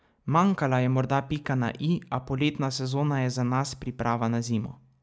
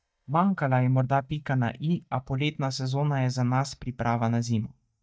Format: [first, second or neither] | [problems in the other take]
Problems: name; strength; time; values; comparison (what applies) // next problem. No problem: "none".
first | noise reduction (neural mask model DeepFilterNet 3)